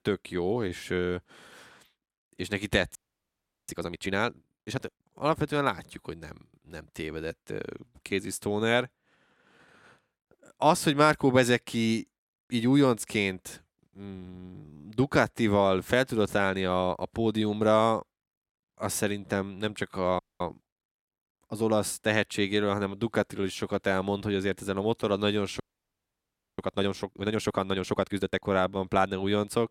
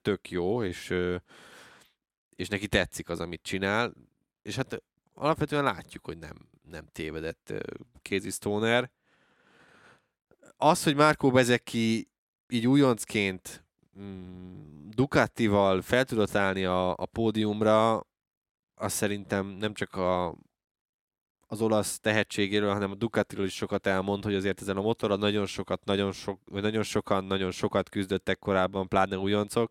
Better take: second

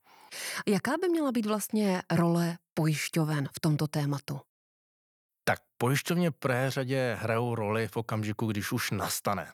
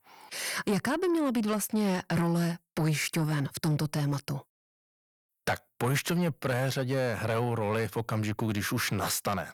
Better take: first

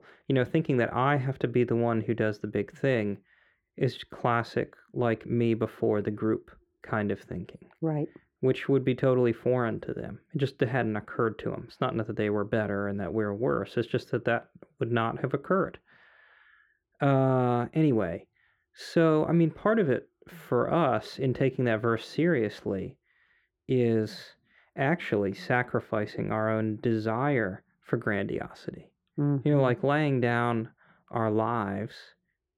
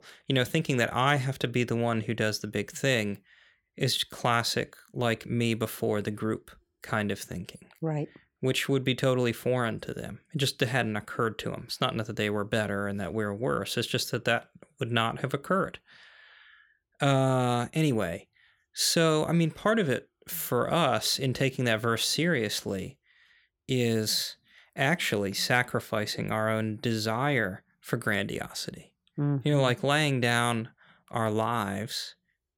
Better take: second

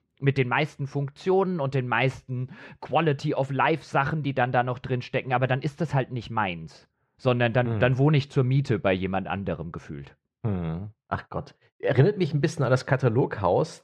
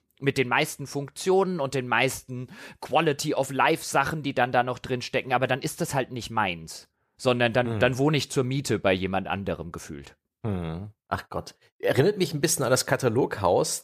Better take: second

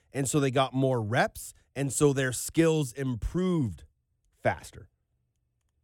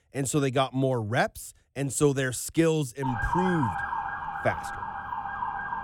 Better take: first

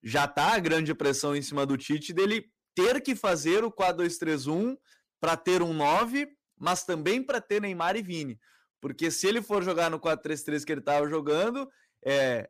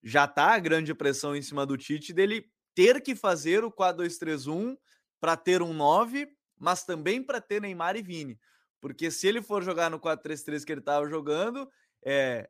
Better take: second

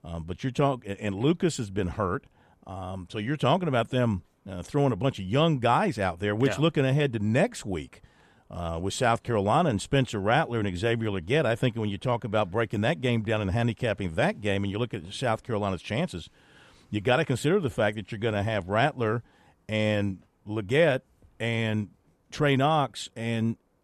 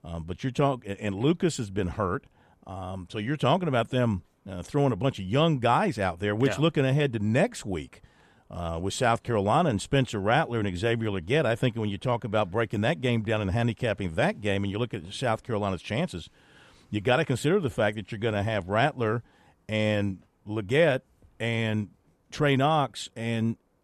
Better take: neither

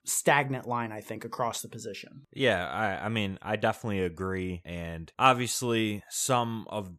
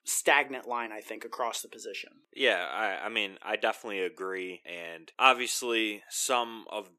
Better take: first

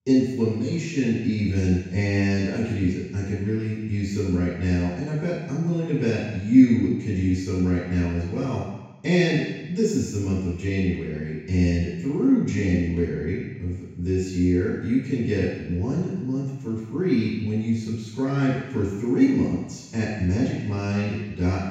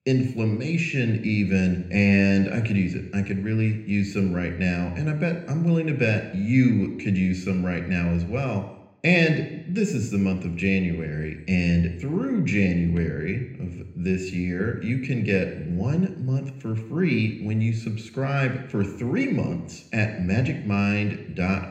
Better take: second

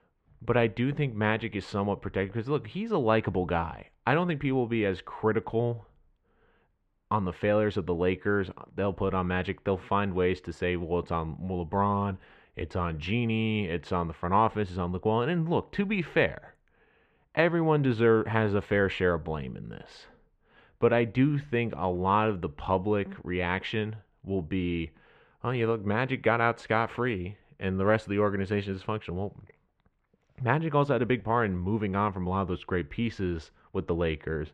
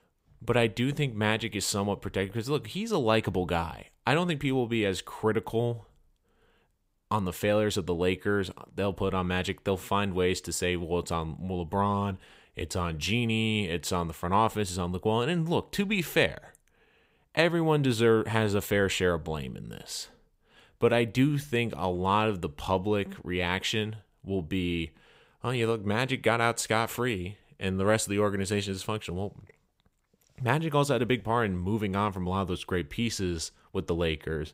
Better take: second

